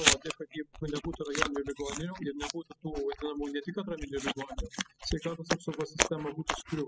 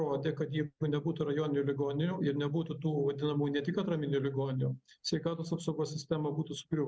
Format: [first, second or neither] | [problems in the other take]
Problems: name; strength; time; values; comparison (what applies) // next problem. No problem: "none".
second | noise reduction (classical method spectral subtraction)